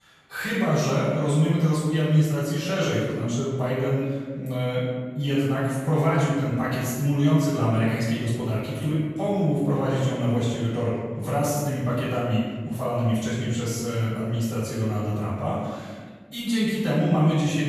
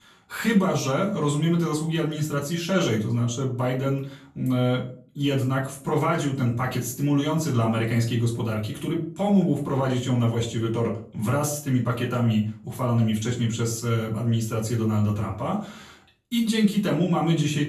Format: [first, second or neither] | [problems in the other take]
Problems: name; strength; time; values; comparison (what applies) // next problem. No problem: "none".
second | room echo; strong; dies away in 1.4 s; slight in the second // off-mic speech; far; far in the second